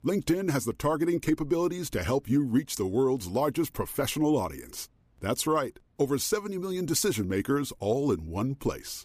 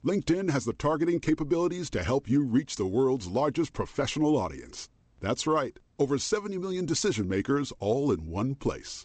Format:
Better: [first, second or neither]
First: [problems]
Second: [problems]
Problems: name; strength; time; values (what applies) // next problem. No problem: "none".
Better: first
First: none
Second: garbled, watery; slightly; nothing above 8 kHz